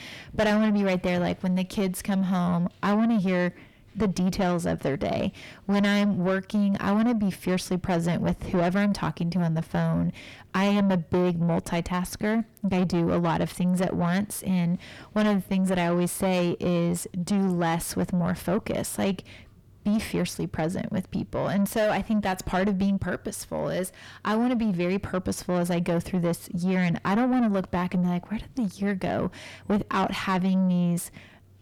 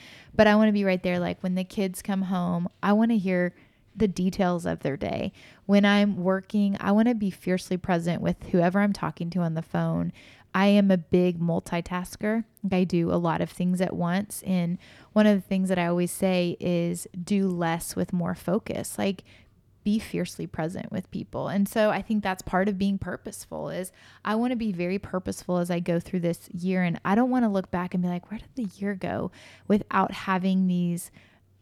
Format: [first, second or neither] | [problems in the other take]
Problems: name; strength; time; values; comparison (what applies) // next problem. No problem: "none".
second | distortion; heavy; 7 dB below the speech